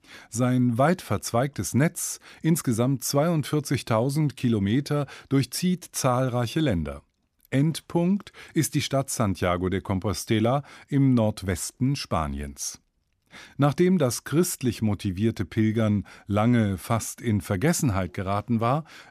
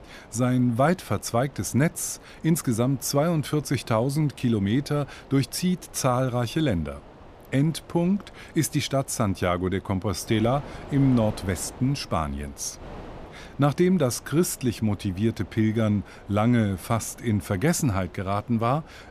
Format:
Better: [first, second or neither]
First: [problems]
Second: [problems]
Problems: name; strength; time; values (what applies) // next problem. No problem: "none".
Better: first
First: none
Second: wind noise on the microphone; occasional gusts; 20 dB below the speech